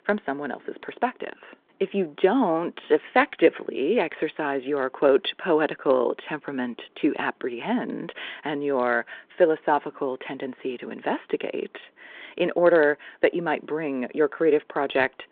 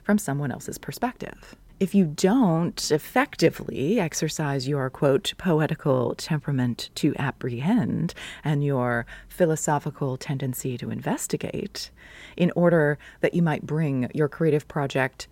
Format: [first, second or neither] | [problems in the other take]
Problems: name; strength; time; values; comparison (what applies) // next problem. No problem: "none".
second | phone-call audio